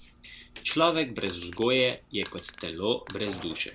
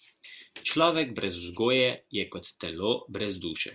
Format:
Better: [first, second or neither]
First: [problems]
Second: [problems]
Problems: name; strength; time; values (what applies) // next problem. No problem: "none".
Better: second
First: background sound (Crushing + Telephone); 19 dB below the speech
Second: none